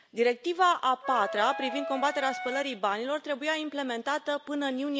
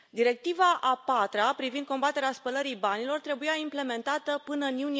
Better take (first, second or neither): second